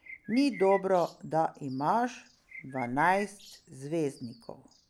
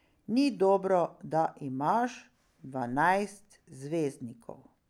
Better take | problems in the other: second | background sound (Bird); 19 dB below the speech

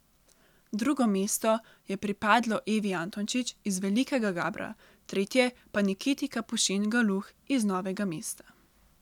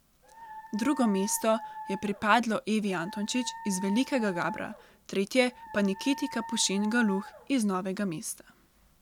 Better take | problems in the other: first | background sound (Dog); 13 dB below the speech

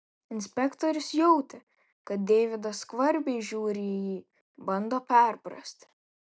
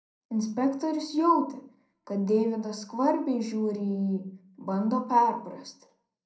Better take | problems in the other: first | room echo; dies away in 0.5 s

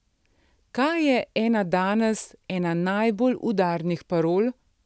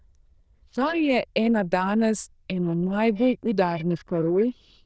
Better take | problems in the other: first | noise reduction (neural diffusion model UNIVERSE++)

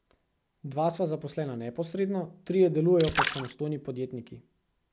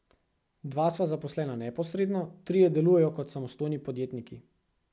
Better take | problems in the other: second | background sound (Splash, splatter); 6 dB below the speech

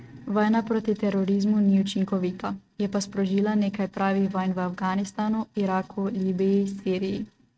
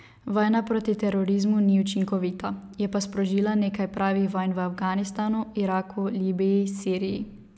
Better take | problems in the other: second | noise reduction (neural mask model RNNoise)

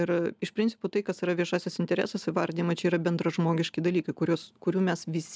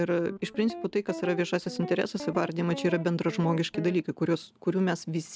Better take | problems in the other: first | background sound (Guitar); 12 dB below the speech

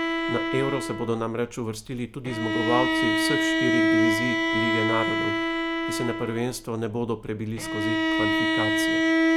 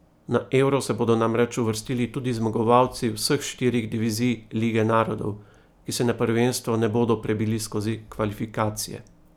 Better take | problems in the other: second | background sound (Bowed string instrument); 4 dB above the speech

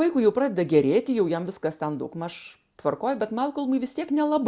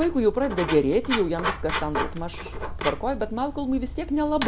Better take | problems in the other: first | background sound (Writing); 6 dB below the speech

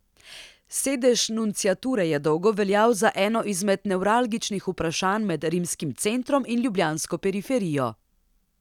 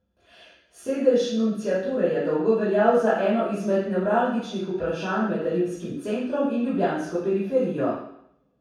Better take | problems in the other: first | room echo; dies away in 0.7 s

